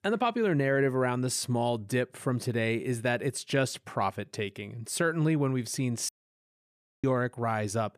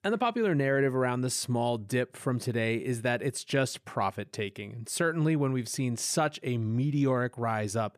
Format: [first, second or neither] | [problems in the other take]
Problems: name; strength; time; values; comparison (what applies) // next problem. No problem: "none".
second | audio cutting out; at 6 s for 1 s